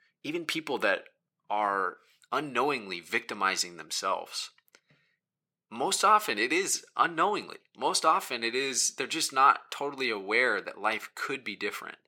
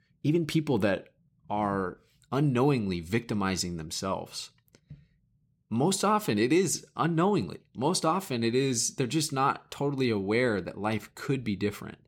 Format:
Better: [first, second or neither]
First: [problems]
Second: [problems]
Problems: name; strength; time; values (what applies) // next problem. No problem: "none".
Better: second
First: thin; very; fading below 500 Hz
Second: none